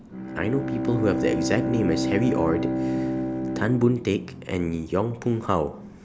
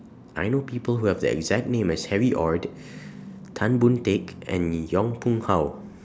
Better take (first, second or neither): second